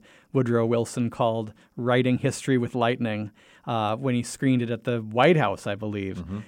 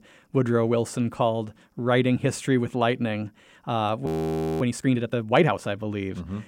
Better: first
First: none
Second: audio freezing; at 4 s for 0.5 s

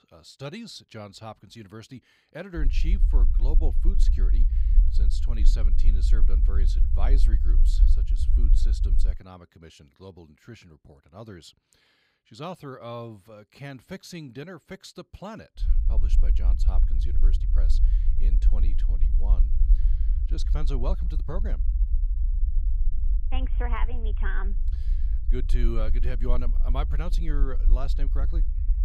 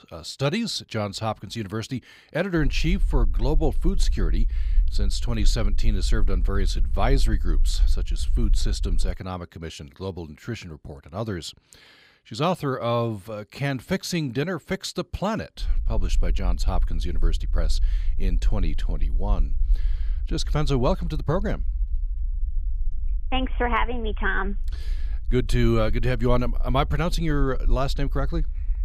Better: second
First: low rumble; loud; from 2.5 to 9 s and from 16 s on; 9 dB below the speech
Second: low rumble; faint; from 2.5 to 9 s and from 16 s on; 25 dB below the speech

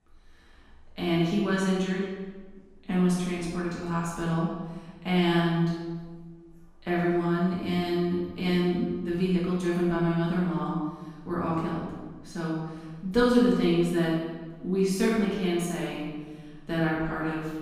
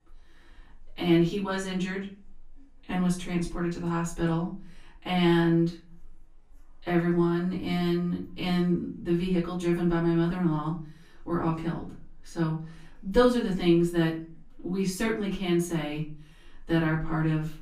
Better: second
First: room echo; strong; dies away in 1.1 s // off-mic speech; far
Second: room echo; slight; dies away in 0.3 s // off-mic speech; far

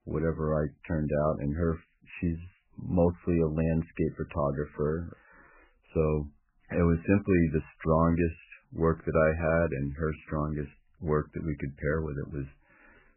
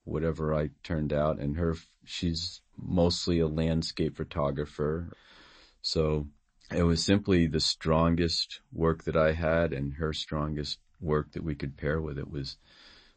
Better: second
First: garbled, watery; badly; nothing above 2.5 kHz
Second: garbled, watery; slightly; nothing above 8 kHz

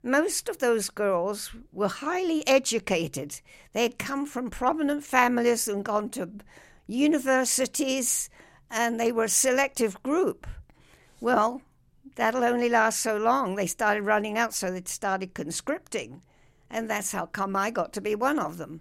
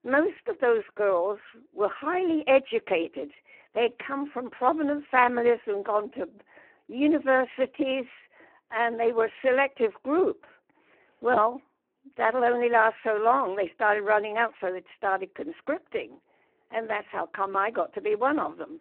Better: first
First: none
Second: phone-call audio; poor line

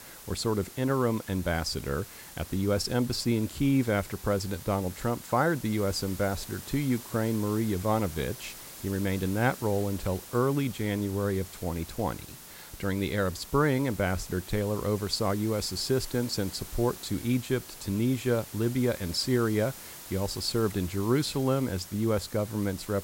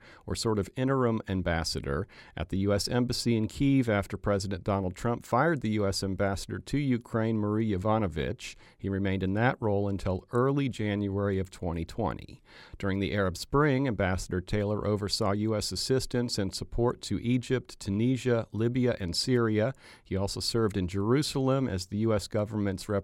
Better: second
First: hiss; noticeable; throughout; 15 dB below the speech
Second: none

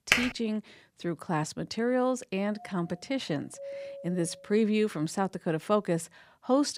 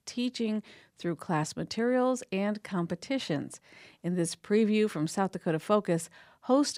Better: second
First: keyboard typing; loud; at the start; peak 5 dB above the speech // doorbell; noticeable; from 2.5 to 4.5 s; peak 10 dB below the speech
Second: none

